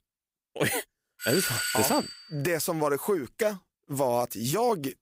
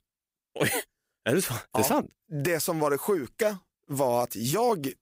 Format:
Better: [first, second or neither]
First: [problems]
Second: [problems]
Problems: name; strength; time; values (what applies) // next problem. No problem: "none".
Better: second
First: doorbell; loud; from 1 to 2 s; peak 1 dB above the speech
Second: none